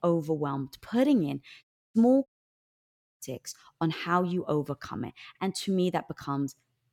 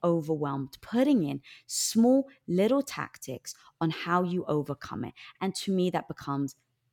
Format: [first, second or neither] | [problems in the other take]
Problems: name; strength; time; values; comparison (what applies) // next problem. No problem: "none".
second | audio cutting out; at 1.5 s and at 2.5 s for 1 s